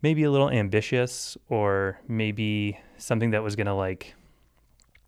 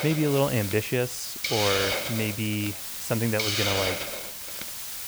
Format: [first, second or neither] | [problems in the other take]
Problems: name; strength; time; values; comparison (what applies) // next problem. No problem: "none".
first | hiss; loud; throughout; 1 dB below the speech